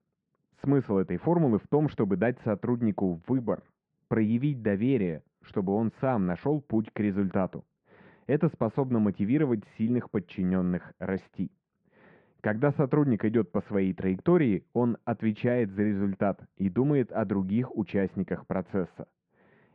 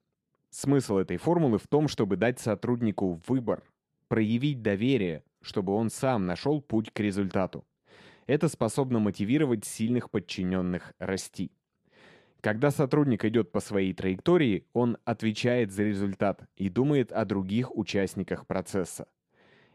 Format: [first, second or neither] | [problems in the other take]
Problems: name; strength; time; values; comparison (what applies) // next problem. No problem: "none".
second | muffled; very; fading above 2 kHz